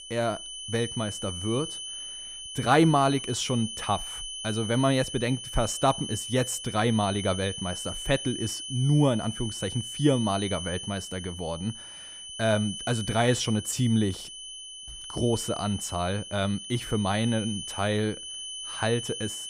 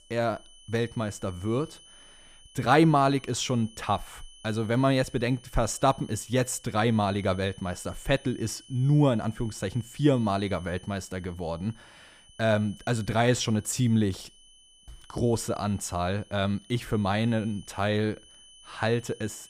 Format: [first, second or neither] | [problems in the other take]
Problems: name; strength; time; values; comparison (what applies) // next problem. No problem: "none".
second | high-pitched whine; loud; throughout; 3 kHz, 8 dB below the speech; faint in the second